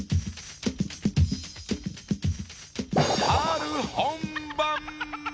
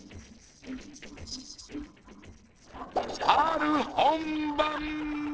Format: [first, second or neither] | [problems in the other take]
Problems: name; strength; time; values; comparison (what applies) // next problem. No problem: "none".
first | noise reduction (neural separator model SepFormer DNS4)